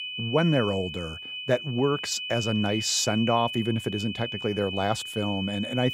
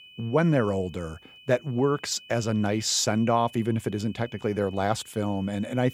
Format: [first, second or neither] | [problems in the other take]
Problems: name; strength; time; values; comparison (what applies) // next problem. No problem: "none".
second | high-pitched whine; loud; throughout; 3 kHz, 6 dB below the speech; faint in the second